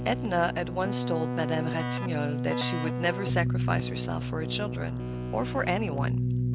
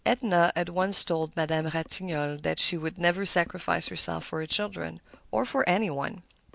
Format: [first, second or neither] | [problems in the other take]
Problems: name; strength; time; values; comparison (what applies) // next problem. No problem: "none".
second | background sound (Keyboard (musical)); 1 dB above the speech